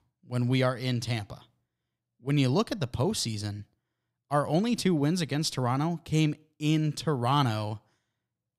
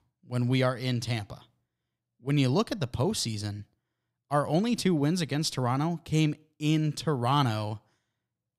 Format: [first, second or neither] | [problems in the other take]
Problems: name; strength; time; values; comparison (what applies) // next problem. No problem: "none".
neither | none